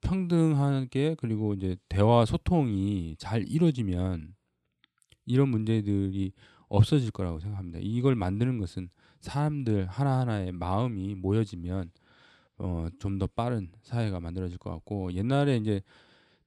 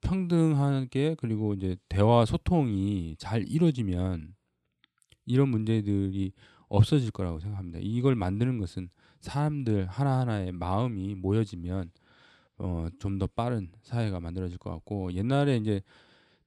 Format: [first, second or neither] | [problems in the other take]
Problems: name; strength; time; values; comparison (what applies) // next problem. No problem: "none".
neither | none